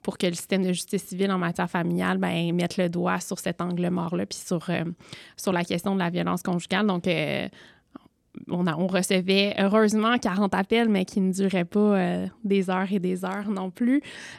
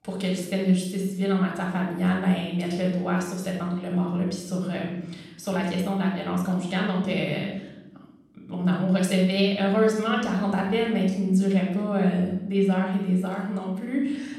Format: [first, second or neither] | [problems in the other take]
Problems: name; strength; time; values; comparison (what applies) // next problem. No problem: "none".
first | off-mic speech; far // room echo; noticeable; dies away in 0.7 s